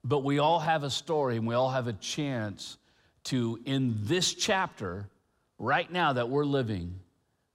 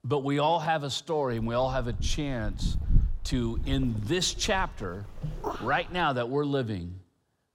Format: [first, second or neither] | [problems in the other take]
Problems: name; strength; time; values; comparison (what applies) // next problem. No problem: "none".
first | wind noise on the microphone; occasional gusts; from 1.5 to 6 s; 15 dB below the speech